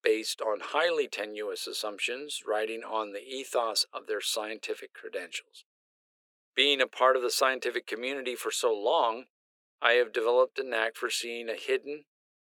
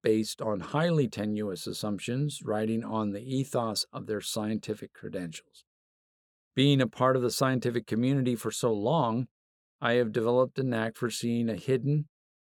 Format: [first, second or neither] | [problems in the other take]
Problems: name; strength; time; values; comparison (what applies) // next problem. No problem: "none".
second | thin; very; fading below 400 Hz